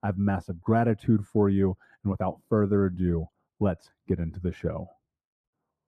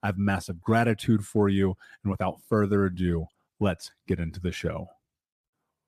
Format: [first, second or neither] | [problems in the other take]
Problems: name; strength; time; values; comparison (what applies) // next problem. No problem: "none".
second | muffled; very; fading above 2 kHz